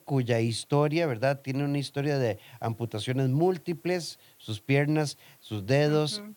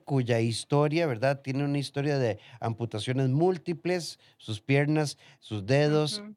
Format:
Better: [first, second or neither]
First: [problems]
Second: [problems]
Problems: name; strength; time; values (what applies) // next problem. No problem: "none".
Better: second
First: hiss; faint; throughout; 30 dB below the speech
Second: none